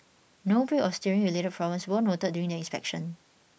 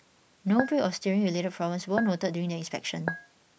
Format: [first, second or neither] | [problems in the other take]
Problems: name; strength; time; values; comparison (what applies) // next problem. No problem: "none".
first | background sound (Chink, clink); 8 dB below the speech